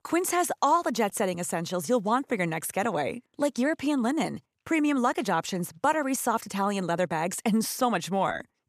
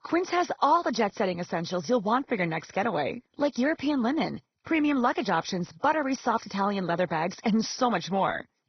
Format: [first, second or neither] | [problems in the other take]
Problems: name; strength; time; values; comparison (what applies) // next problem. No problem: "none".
first | garbled, watery; badly; nothing above 6 kHz